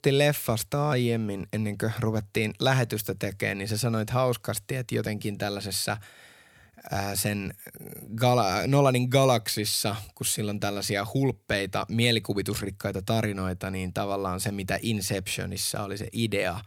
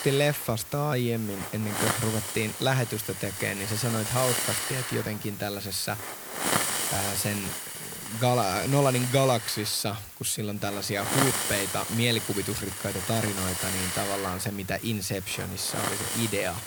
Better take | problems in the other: first | hiss; loud; throughout; 2 dB below the speech

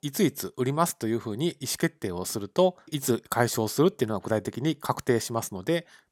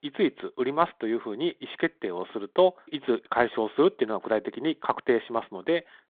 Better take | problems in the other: first | phone-call audio; nothing above 3.5 kHz

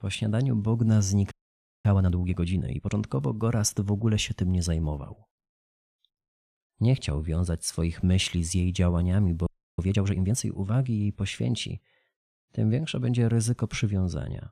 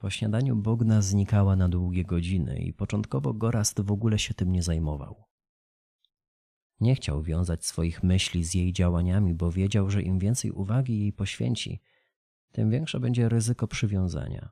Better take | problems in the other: second | audio freezing; at 1.5 s for 0.5 s and at 9.5 s

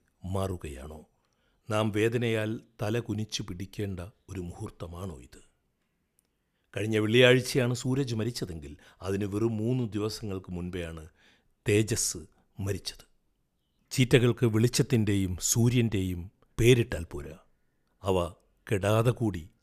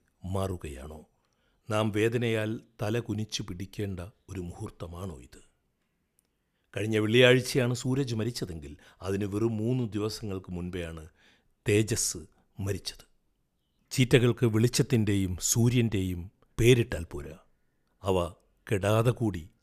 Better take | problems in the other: neither | none

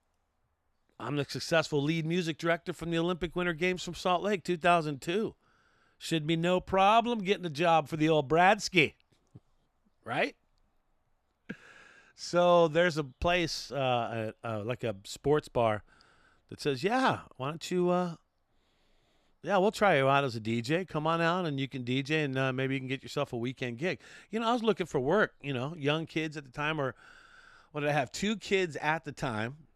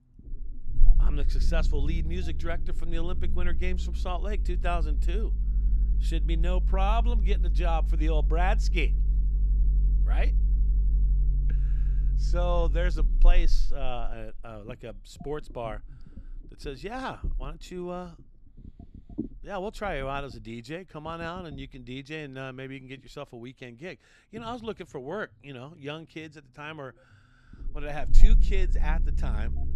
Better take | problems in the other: first | low rumble; noticeable; throughout; 15 dB below the speech

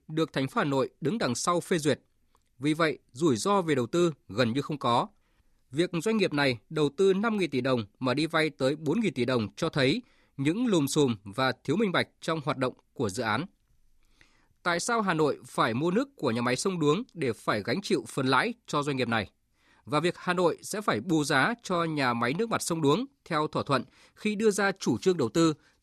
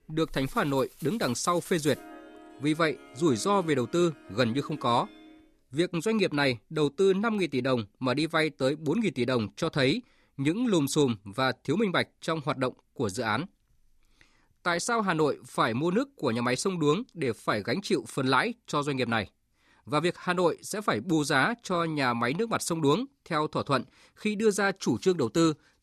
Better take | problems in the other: first | background music; faint; until 5 s; 20 dB below the speech

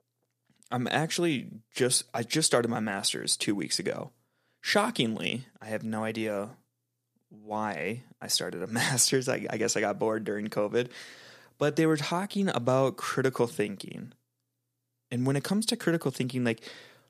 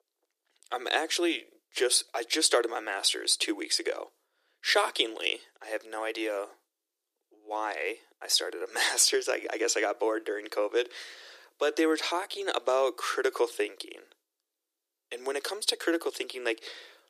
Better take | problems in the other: first | thin; very; fading below 300 Hz

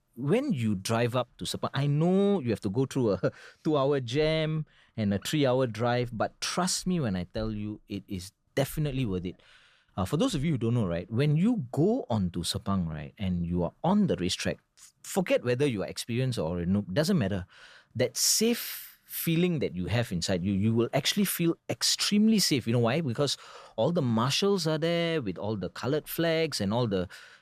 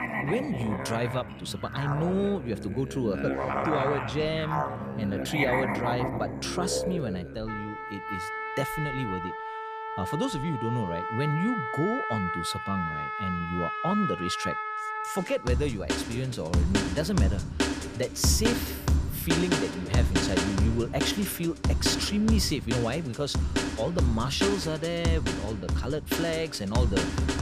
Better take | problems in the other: first | background music; loud; throughout; as loud as the speech

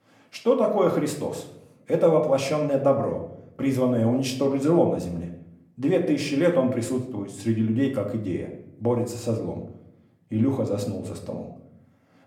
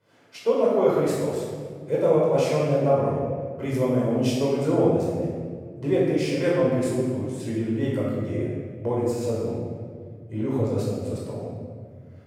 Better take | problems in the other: first | room echo; strong; dies away in 1.8 s; slight in the first // off-mic speech; far; somewhat distant in the first

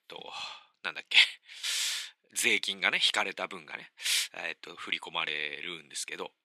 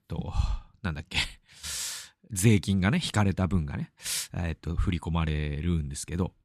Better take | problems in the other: second | thin; very; fading below 450 Hz

